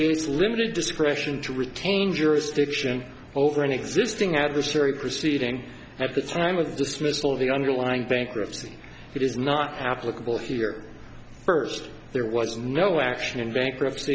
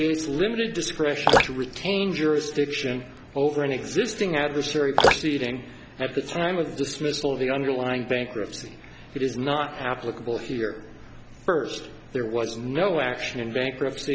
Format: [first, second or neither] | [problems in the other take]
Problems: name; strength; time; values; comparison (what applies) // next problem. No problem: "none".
first | background sound (Drip); as loud as the speech